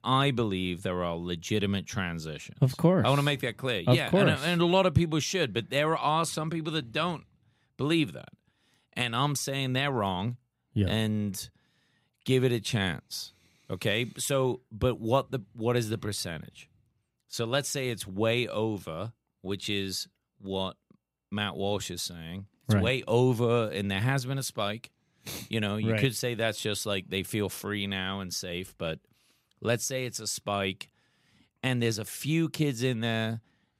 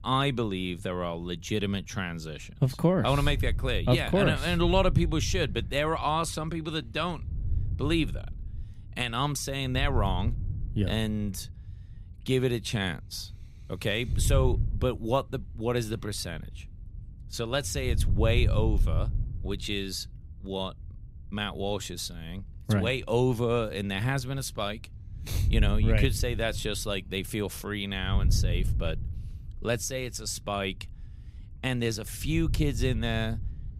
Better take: first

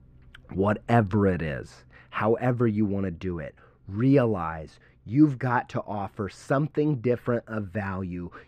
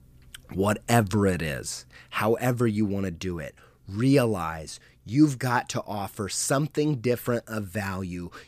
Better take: second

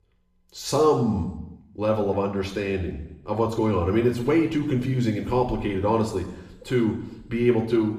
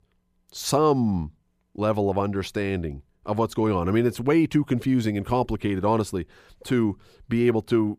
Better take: second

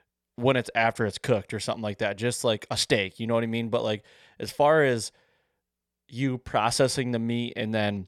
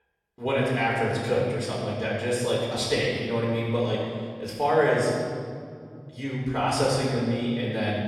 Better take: first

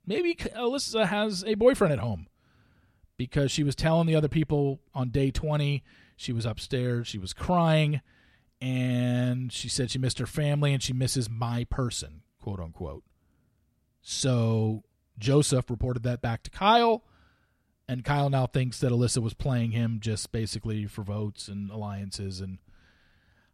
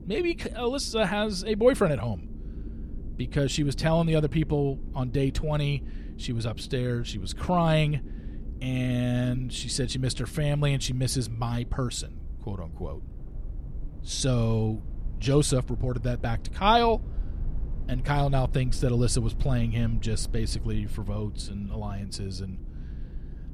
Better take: first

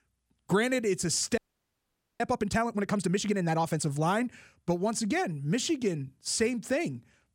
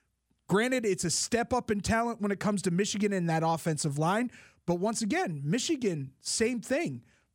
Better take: second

